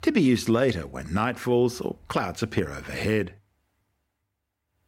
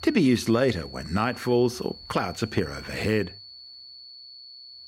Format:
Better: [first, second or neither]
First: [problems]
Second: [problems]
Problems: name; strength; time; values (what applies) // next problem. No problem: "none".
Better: first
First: none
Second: high-pitched whine; noticeable; throughout; 4.5 kHz, 15 dB below the speech